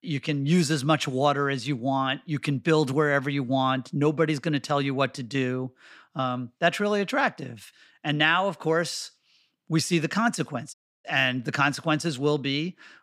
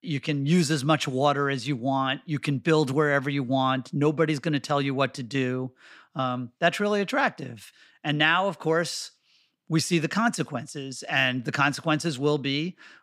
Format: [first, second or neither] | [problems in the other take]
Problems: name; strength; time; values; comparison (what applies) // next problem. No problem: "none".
second | audio cutting out; at 11 s